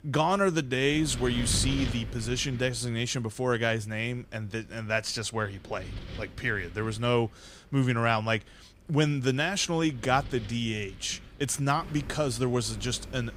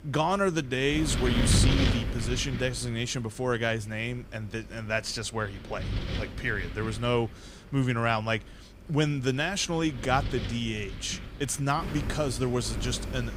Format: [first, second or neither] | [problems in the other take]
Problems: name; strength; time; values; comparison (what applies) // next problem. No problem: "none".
first | wind noise on the microphone; heavy; 7 dB below the speech; occasional gusts in the first